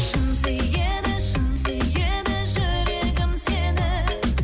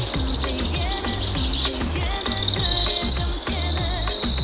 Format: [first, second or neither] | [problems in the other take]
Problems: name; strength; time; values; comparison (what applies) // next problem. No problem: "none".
first | background sound (Bird vocalization, bird call, bird song); 4 dB below the speech